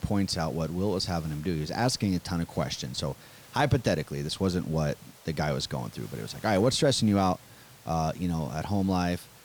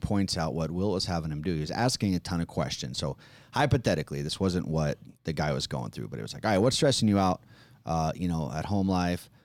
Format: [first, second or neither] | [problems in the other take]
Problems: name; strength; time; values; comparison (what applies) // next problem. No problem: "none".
second | hiss; faint; throughout; 20 dB below the speech